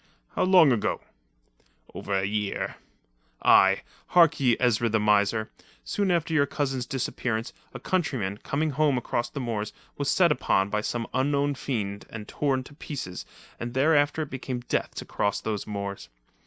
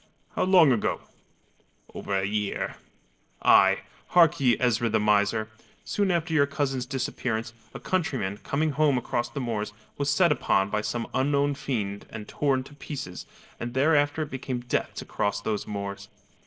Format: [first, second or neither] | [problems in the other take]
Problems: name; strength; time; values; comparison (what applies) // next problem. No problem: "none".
first | noise reduction (neural separator model SepFormer DNS4)